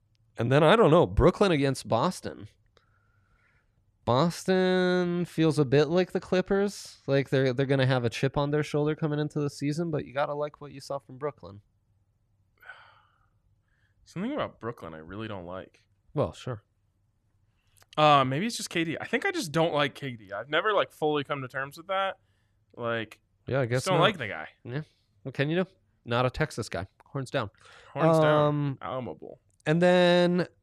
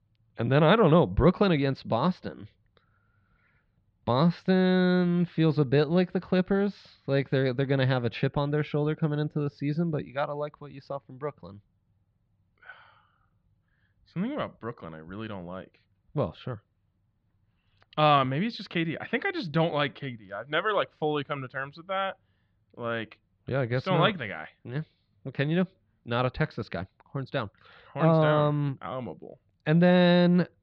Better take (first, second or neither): first